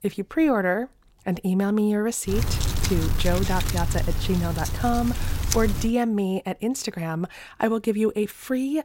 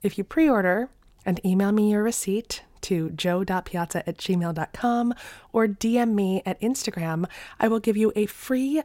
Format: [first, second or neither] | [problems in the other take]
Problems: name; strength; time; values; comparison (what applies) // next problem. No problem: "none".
second | wind noise on the microphone; heavy; from 2.5 to 6 s; 6 dB below the speech